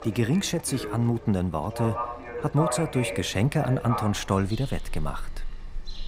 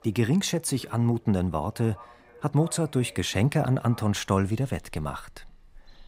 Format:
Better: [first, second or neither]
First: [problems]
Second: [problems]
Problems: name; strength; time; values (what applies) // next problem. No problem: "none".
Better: second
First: animal sounds; loud; throughout; 9 dB below the speech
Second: animal sounds; faint; throughout; 25 dB below the speech